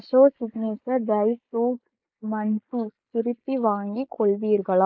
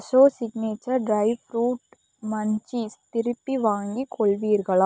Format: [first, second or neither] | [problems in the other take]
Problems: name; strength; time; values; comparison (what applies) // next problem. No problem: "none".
second | noise reduction (neural mask model Resemble Enhance denoiser)